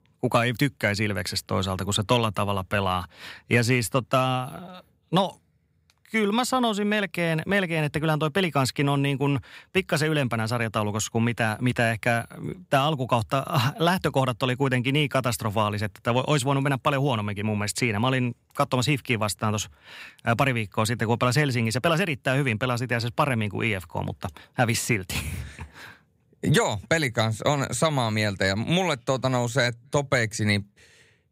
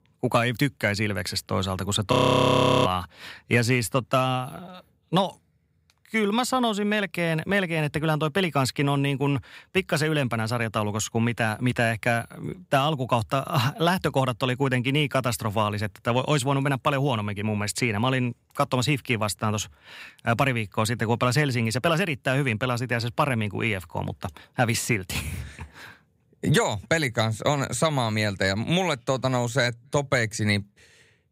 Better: first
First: none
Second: audio freezing; at 2 s for 0.5 s

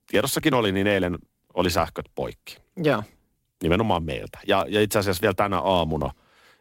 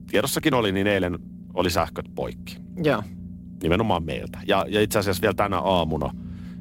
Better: first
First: none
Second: low rumble; faint; throughout; 25 dB below the speech

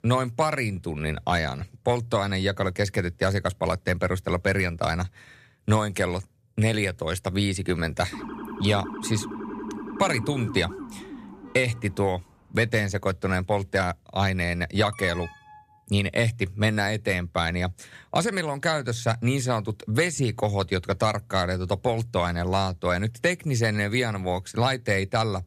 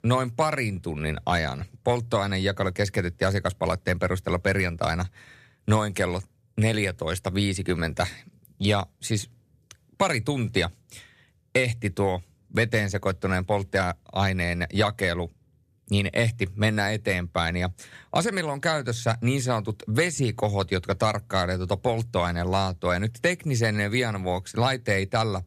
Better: second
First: siren; noticeable; from 8 to 12 s; peak 9 dB below the speech // alarm; faint; at 15 s; peak 15 dB below the speech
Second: none

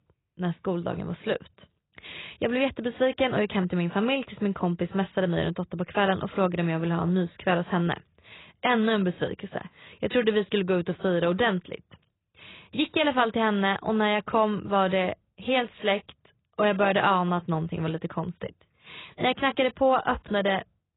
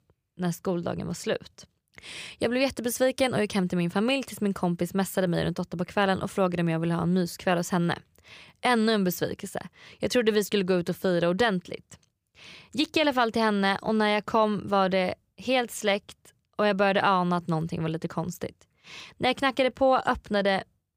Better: second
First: garbled, watery; badly; nothing above 4 kHz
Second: none

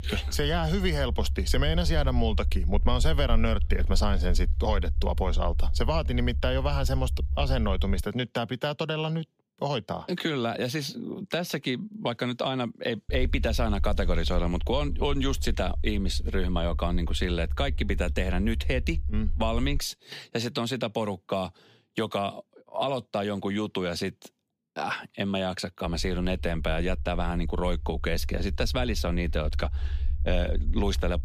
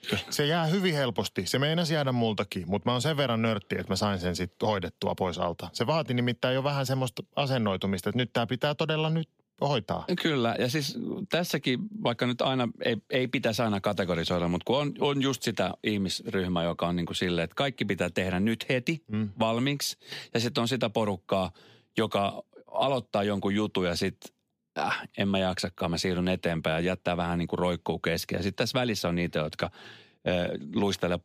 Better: second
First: low rumble; faint; until 8 s, from 13 to 20 s and from 26 s on; 20 dB below the speech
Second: none

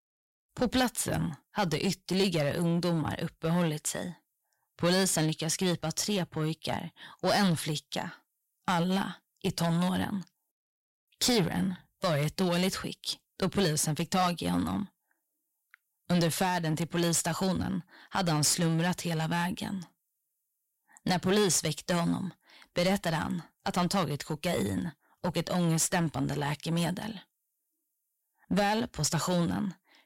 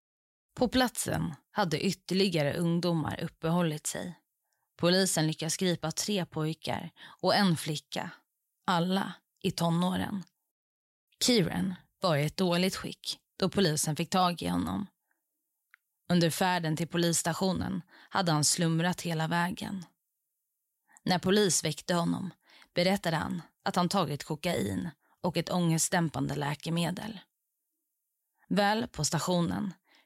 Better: second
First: distortion; slight; 6% of the sound clipped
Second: none

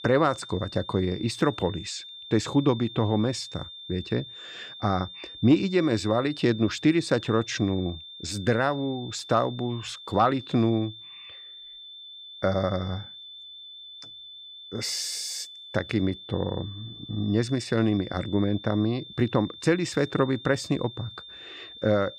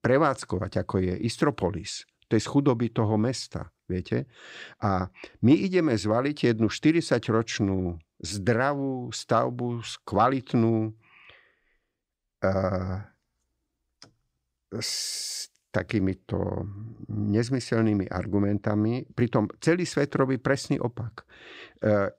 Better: second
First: high-pitched whine; noticeable; throughout; 3.5 kHz, 15 dB below the speech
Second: none

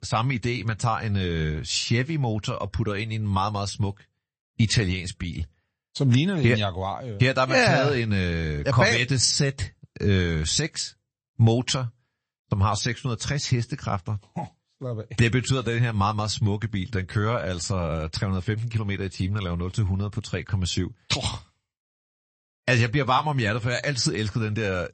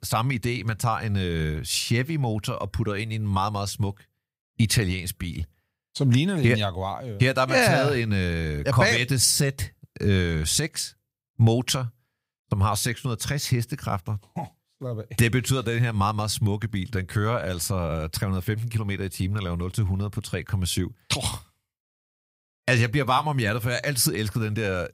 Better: second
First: garbled, watery; slightly; nothing above 8 kHz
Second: none

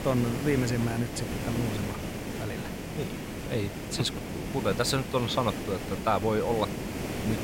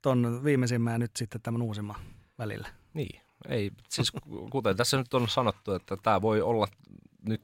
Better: second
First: hiss; loud; throughout; 5 dB below the speech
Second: none

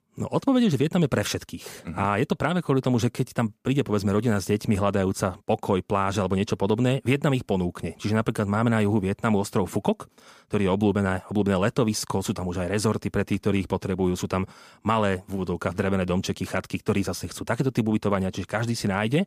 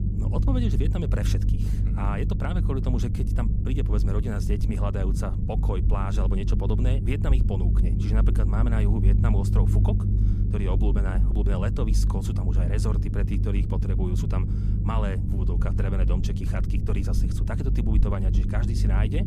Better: first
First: none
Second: low rumble; loud; throughout; 3 dB below the speech

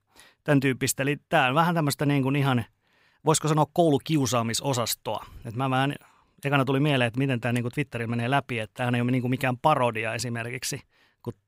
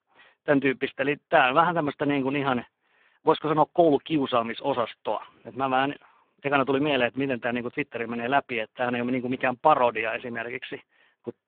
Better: first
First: none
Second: phone-call audio; poor line

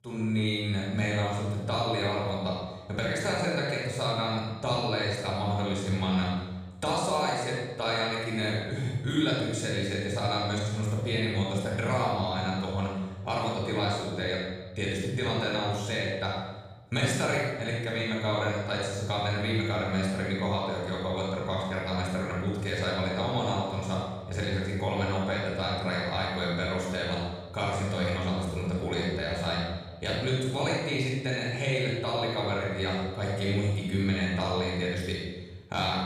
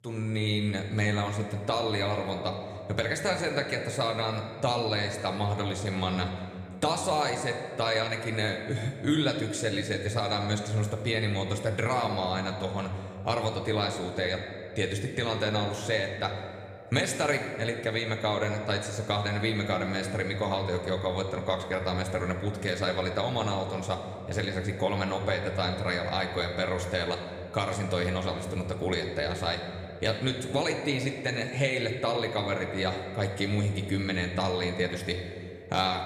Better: second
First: room echo; strong; dies away in 1.2 s // off-mic speech; far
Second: room echo; slight; dies away in 1.9 s

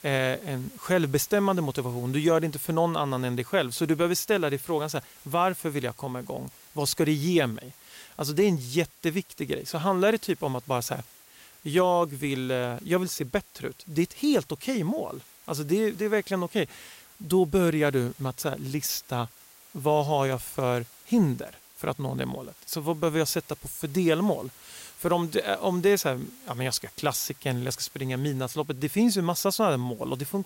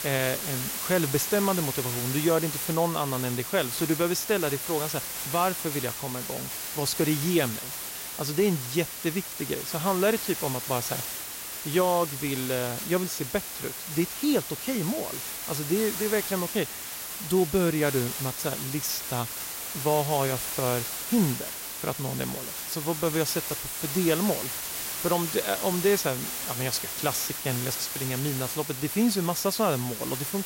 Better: first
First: hiss; faint; throughout; 25 dB below the speech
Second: hiss; loud; throughout; 3 dB below the speech

